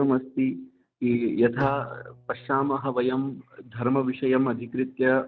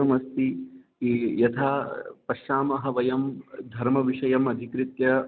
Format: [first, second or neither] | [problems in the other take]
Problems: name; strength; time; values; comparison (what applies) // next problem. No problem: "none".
second | noise reduction (neural mask model DeepFilterNet 3)